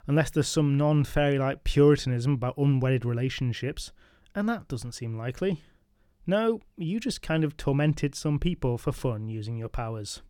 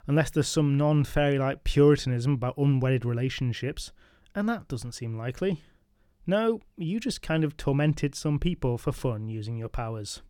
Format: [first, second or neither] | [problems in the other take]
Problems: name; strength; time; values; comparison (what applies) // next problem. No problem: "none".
neither | none